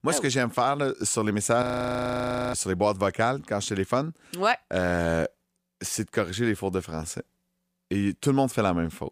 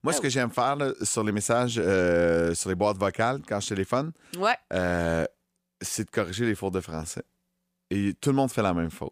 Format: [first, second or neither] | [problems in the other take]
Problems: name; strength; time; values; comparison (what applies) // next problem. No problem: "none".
second | audio freezing; at 1.5 s for 1 s